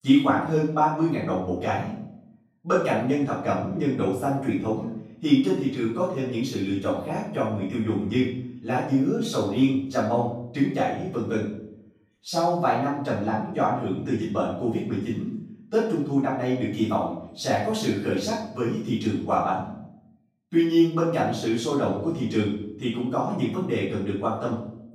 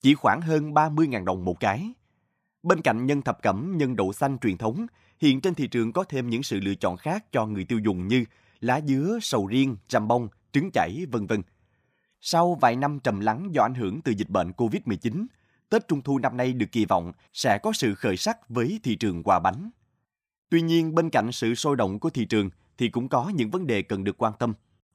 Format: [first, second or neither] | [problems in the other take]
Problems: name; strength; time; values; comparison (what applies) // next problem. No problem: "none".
second | room echo; noticeable; dies away in 0.6 s // off-mic speech; far